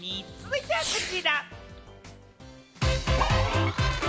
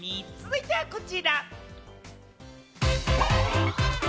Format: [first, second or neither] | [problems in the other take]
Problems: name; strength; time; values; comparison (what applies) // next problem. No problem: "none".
second | background sound (Fireworks); 12 dB below the speech